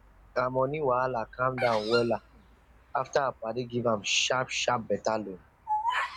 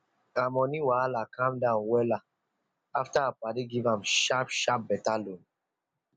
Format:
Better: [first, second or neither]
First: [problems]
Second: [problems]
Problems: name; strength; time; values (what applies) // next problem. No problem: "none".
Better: second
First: background sound (Bird vocalization, bird call, bird song); 9 dB below the speech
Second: none